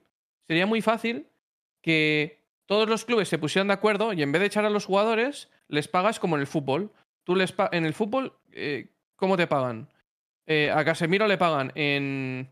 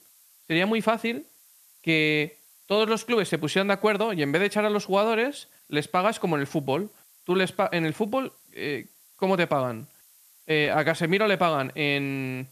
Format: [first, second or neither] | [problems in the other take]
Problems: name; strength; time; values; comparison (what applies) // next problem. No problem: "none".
first | hiss; faint; throughout; 30 dB below the speech